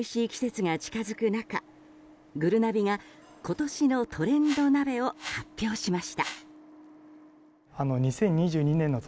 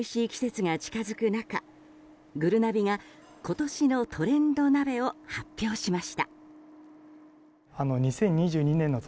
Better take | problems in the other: second | background sound (Whoosh, swoosh, swish); 15 dB below the speech

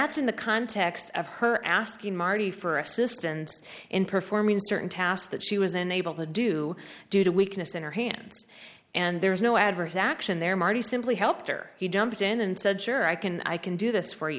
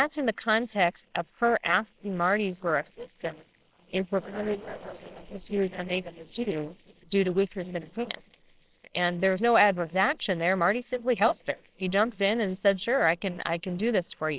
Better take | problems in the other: first | noise reduction (neural separator model SepFormer WHAMR!)

